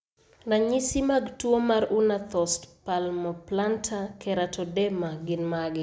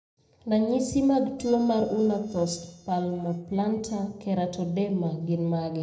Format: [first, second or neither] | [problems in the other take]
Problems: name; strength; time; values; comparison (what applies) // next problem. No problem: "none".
first | noise reduction (neural separator model SepFormer DNS4)